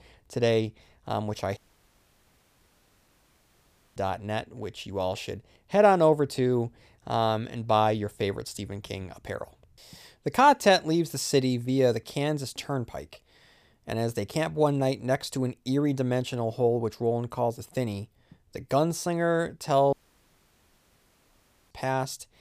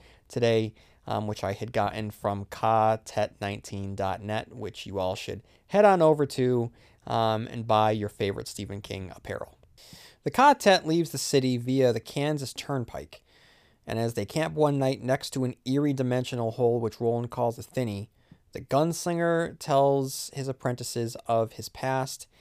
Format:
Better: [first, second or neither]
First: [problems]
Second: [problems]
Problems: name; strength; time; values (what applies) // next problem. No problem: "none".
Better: second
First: audio cutting out; at 1.5 s for 2.5 s and at 20 s for 2 s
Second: none